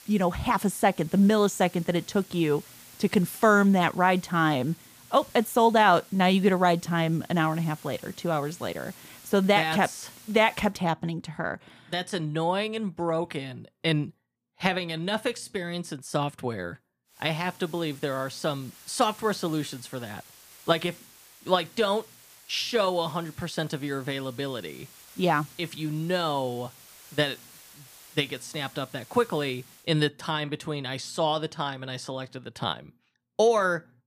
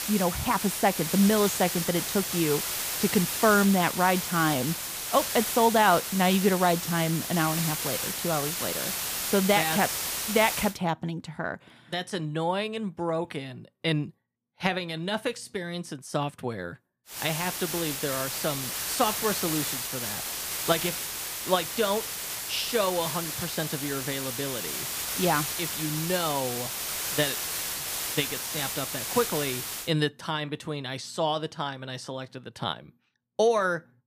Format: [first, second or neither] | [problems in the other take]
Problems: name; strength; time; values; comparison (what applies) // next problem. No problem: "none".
first | hiss; loud; until 11 s and from 17 to 30 s; 2 dB below the speech; faint in the first